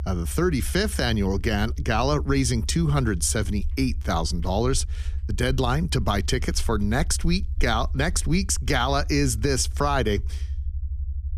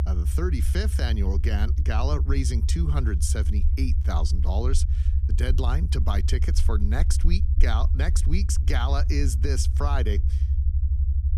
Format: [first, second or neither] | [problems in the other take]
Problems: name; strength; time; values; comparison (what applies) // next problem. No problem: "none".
first | low rumble; loud; throughout; 9 dB below the speech; faint in the first